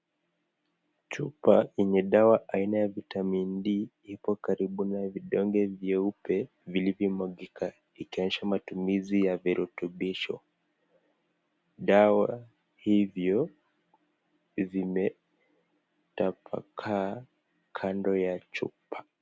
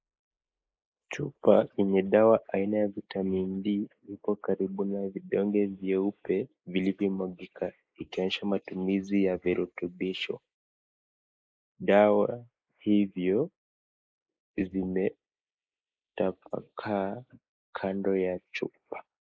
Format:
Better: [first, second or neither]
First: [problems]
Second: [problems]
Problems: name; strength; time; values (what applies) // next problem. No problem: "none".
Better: first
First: none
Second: noise reduction (neural mask model Resemble Enhance denoiser)